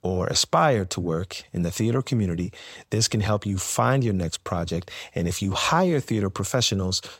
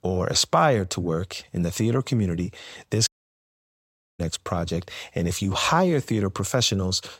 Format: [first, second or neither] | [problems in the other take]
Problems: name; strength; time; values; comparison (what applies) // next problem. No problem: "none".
first | audio cutting out; at 3 s for 1 s